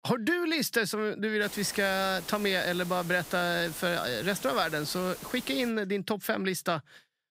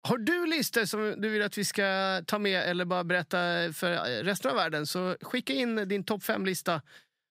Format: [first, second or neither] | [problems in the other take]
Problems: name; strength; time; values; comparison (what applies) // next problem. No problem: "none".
second | hiss; noticeable; from 1.5 to 5.5 s; 15 dB below the speech